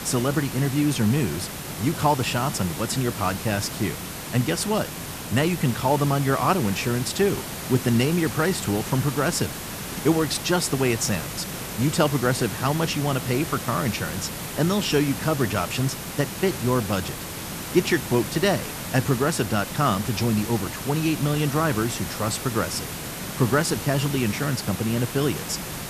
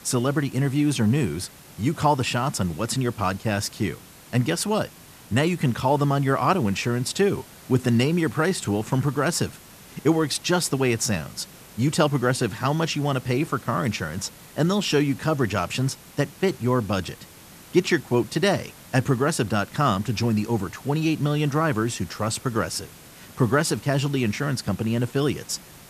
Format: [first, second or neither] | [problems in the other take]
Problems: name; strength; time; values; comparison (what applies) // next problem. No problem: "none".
second | hiss; loud; throughout; 7 dB below the speech; faint in the second